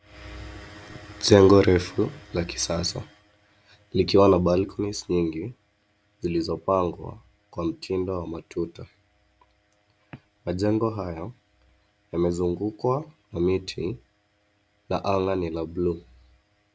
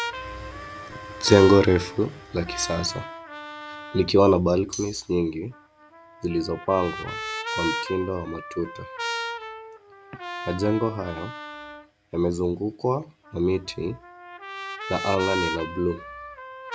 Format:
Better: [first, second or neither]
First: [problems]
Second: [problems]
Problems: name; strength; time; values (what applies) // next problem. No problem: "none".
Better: first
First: none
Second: background sound (Tambourine + Trumpet); 10 dB below the speech